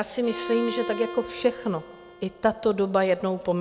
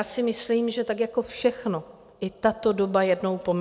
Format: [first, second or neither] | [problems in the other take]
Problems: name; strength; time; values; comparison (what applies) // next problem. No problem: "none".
second | background sound (Bowed string instrument); 12 dB below the speech